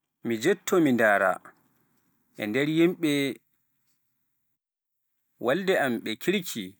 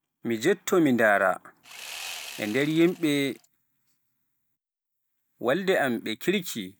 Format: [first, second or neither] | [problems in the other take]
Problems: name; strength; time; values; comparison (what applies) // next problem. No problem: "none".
first | background sound (Sawing); 14 dB below the speech